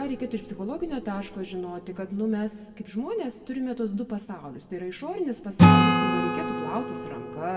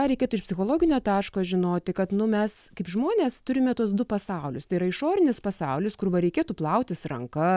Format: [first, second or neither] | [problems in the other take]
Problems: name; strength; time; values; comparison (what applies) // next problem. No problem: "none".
second | background sound (Acoustic guitar / Strum); 5 dB above the speech // room echo; dies away in 1.2 s